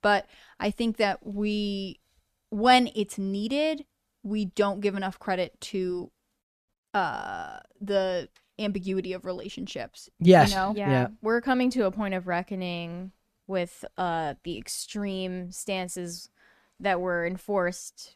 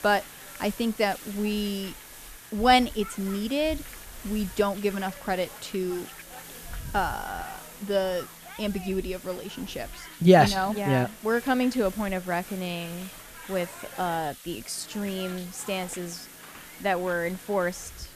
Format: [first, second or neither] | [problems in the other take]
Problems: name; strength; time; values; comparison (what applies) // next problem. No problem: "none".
first | hiss; noticeable; throughout; 15 dB below the speech